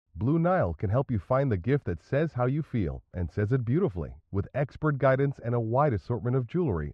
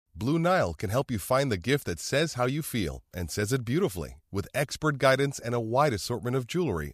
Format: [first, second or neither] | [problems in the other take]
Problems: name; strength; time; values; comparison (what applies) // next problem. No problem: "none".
second | muffled; very; fading above 1.5 kHz